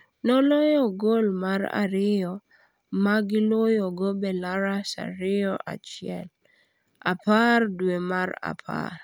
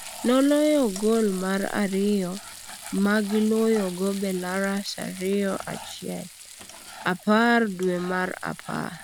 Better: first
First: none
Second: background sound (Frying (food)); 16 dB below the speech

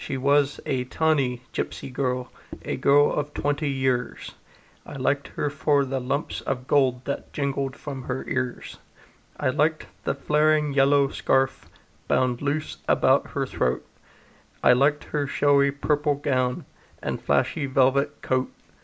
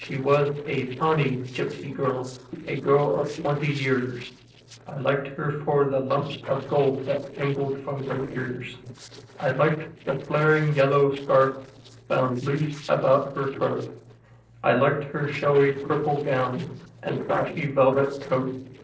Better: first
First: none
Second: noise reduction (neural separator model SepFormer DNS4)

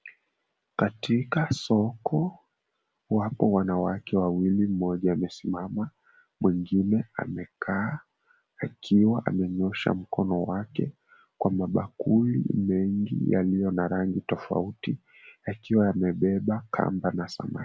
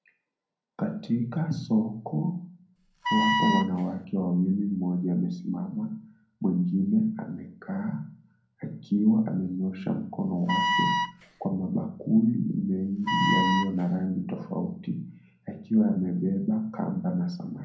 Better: first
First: none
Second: background sound (Wind instrument, woodwind instrument); as loud as the speech // room echo; dies away in 0.5 s

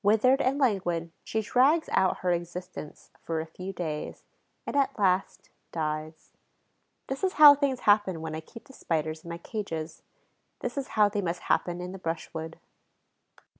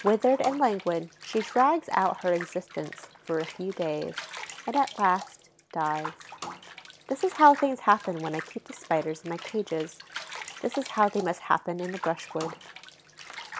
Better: first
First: none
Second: background sound (Bathtub (filling or washing) / Water); 14 dB below the speech

